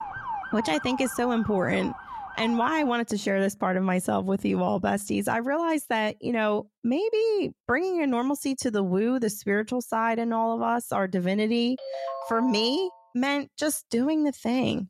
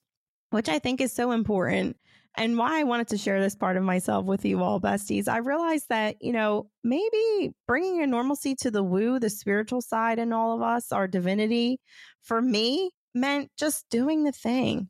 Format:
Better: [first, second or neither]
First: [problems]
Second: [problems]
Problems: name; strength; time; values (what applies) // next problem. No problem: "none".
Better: second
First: siren; noticeable; until 3 s; peak 7 dB below the speech // phone ringing; noticeable; from 12 to 13 s; peak 7 dB below the speech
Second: none